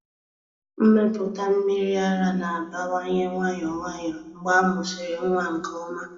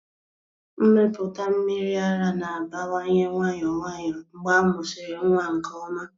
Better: second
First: room echo; dies away in 1.1 s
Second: none

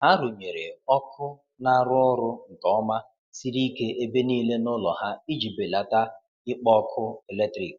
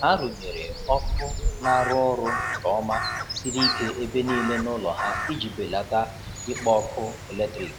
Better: first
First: none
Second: background sound (Crow); 4 dB below the speech

